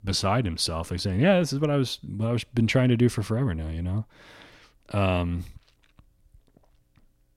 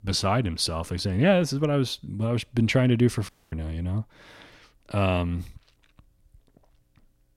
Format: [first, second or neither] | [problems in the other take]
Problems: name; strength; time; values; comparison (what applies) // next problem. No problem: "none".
first | audio cutting out; at 3.5 s